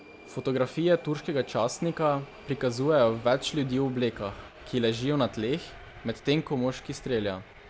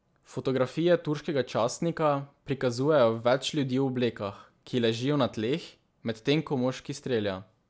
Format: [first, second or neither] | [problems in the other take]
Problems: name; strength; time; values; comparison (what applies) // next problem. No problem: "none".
second | background sound (Subway, metro, underground); 19 dB below the speech